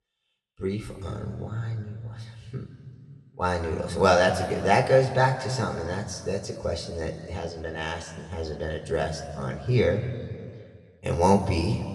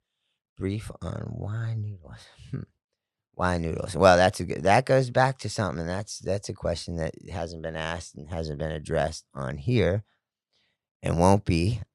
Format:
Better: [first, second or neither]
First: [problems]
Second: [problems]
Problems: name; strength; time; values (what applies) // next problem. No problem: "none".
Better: second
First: room echo; slight; dies away in 1.9 s // off-mic speech; somewhat distant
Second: none